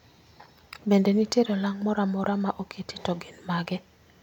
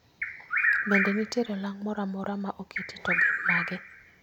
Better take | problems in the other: first | background sound (Bird vocalization, bird call, bird song); 3 dB above the speech

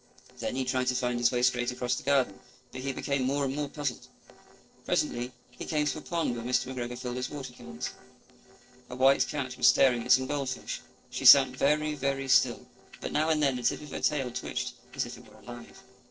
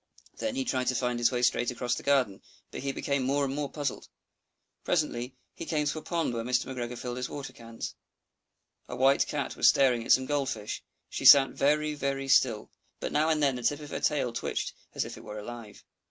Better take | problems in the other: second | noise reduction (neural separator model SepFormer DNS4)

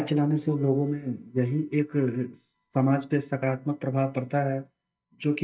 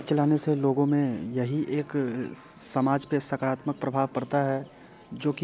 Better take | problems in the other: second | noise reduction (neural mask model DeepFilterNet 3)

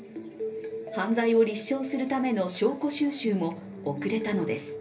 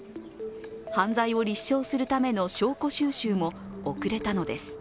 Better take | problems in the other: second | room echo; dies away in 0.3 s

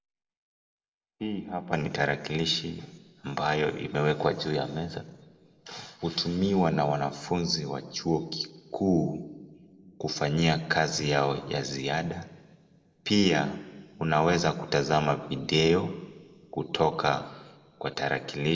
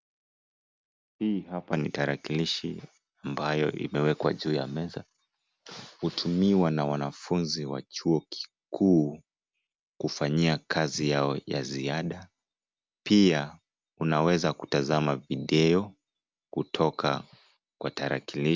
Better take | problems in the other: second | room echo; dies away in 1 s

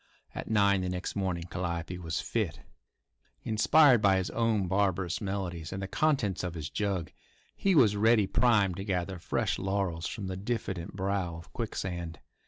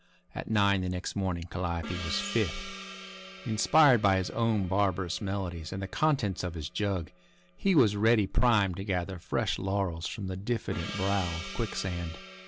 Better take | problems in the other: first | background sound (Gong); 15 dB below the speech

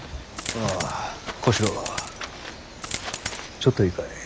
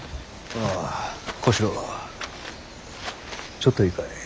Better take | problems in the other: second | background sound (Coin (dropping)); 8 dB below the speech

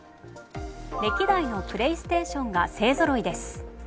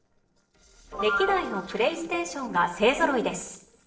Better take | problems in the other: first | noise reduction (neural separator model SepFormer DNS4)

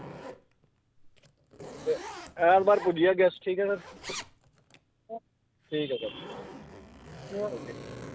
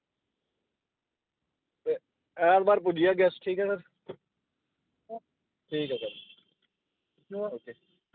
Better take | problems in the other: second | background sound (Zipper (clothing)); 15 dB below the speech

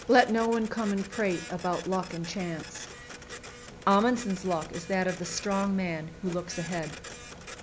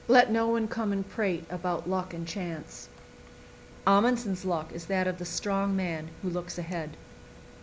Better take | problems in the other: second | background sound (Printer); 15 dB below the speech

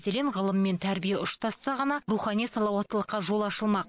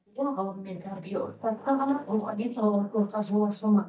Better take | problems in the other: first | noise reduction (neural mask model DeepFilterNet 3)

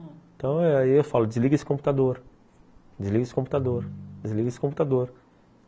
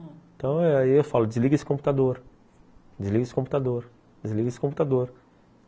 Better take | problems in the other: second | background sound (Ringtone); 14 dB below the speech

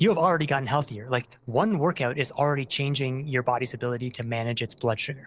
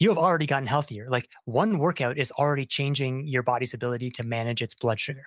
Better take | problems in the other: second | noise reduction (neural separator model SepFormer DNS4)

